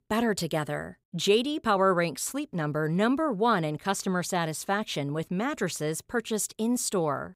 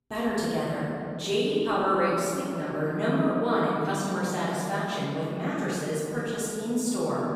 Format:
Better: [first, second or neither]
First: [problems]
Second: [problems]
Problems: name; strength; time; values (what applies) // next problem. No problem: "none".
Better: first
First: none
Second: off-mic speech; far // room echo; strong; dies away in 2.6 s